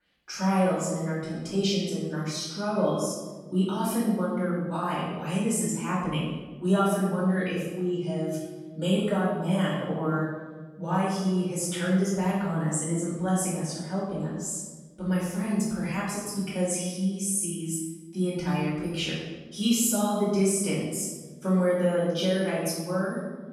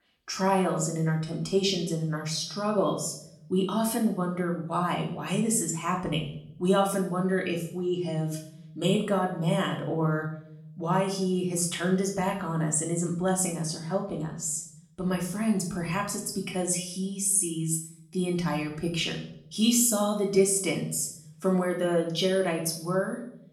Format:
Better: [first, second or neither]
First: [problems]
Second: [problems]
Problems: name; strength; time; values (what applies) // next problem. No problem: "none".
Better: second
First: room echo; strong; dies away in 1.1 s // off-mic speech; far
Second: room echo; slight; dies away in 0.6 s // off-mic speech; far